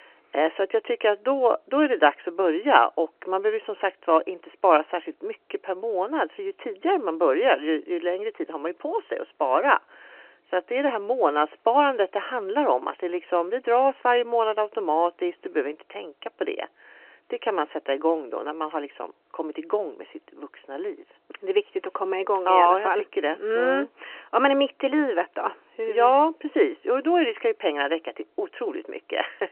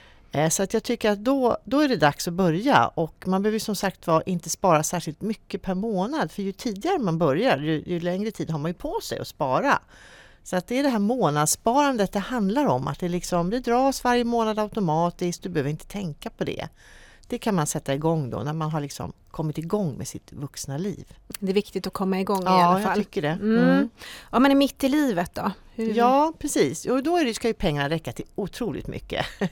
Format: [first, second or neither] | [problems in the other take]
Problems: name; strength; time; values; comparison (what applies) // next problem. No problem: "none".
second | phone-call audio